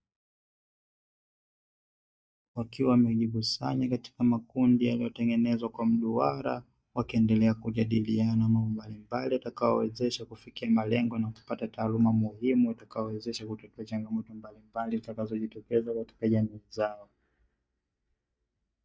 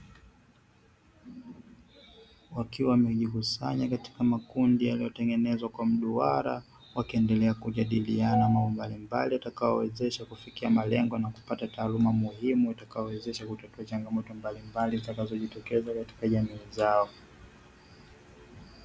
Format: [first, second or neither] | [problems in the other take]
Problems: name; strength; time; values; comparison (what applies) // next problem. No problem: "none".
second | noise reduction (neural mask model DeepFilterNet 3)